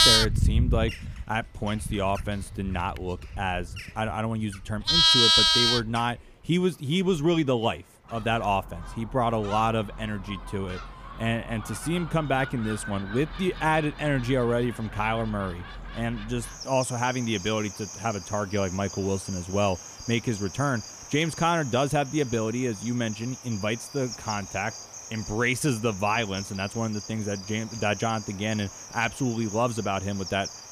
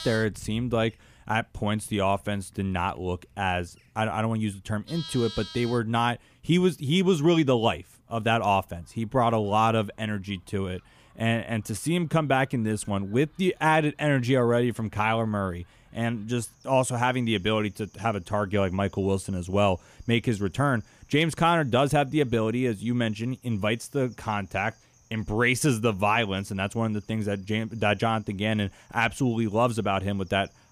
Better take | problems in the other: second | animal sounds; loud; throughout; as loud as the speech; faint in the second

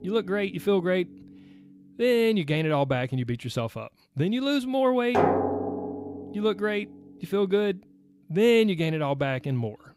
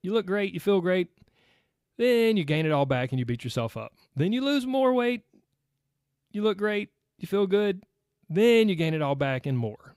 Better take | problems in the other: second | background music; loud; throughout; 4 dB below the speech

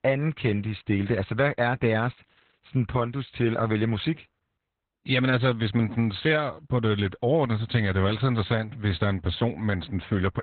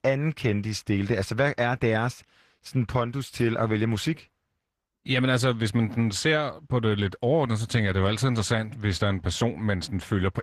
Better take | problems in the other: second | garbled, watery; badly; nothing above 4 kHz; slightly in the second

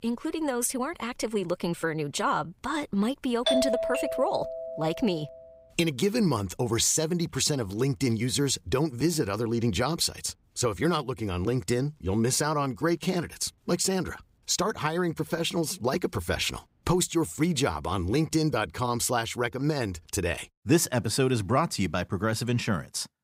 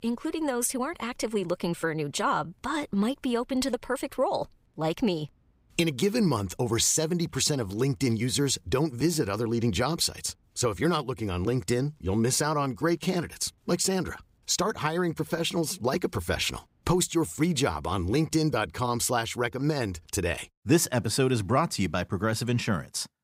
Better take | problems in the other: second | doorbell; loud; from 3.5 to 5 s; peak 2 dB above the speech

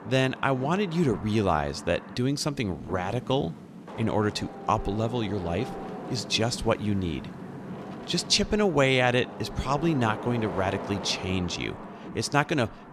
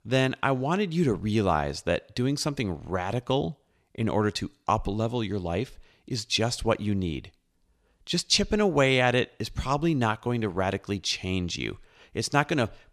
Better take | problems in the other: second | wind noise on the microphone; occasional gusts; 15 dB below the speech

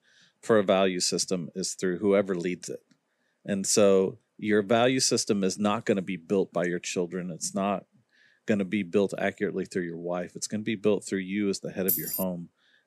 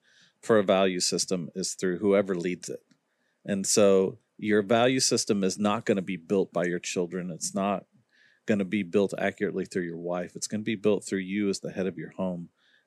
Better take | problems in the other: second | jangling keys; loud; at 12 s; peak level with the speech

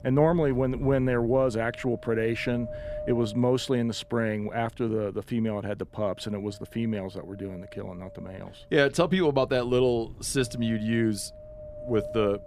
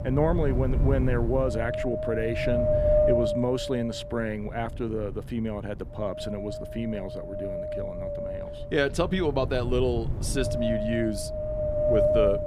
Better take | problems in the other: first | wind noise on the microphone; heavy; 2 dB above the speech; occasional gusts in the first

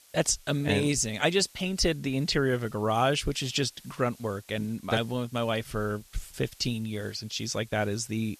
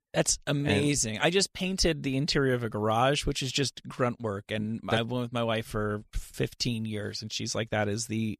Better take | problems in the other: second | hiss; faint; throughout; 25 dB below the speech

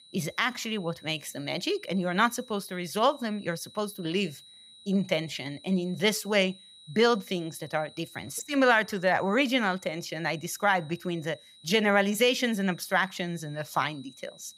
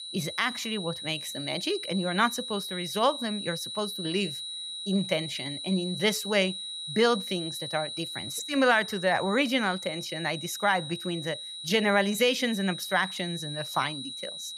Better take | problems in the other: first | high-pitched whine; loud; throughout; 4 kHz, 7 dB below the speech; faint in the first

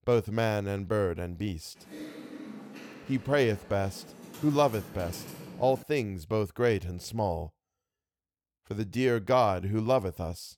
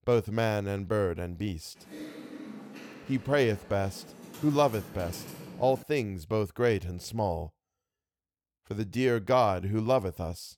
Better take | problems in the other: neither | keyboard typing; faint; from 2 to 6 s; peak 15 dB below the speech; the same in both

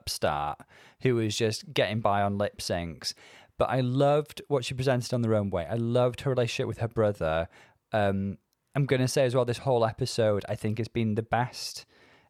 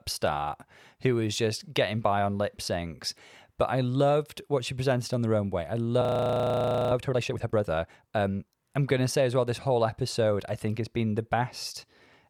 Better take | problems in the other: first | audio freezing; at 6 s for 1 s

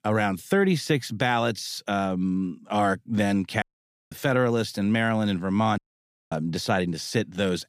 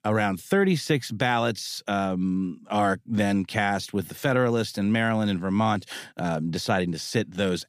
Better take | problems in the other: second | audio cutting out; at 3.5 s and at 6 s for 0.5 s

